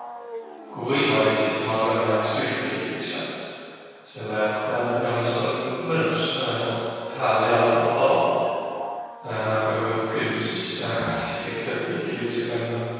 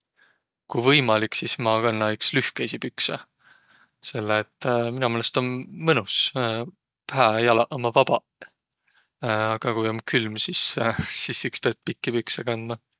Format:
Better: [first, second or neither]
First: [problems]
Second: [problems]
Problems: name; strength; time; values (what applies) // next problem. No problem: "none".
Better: second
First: background sound (Wild animals); 16 dB below the speech // room echo; dies away in 2.2 s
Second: none